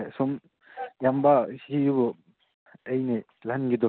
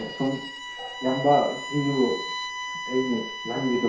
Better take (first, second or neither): first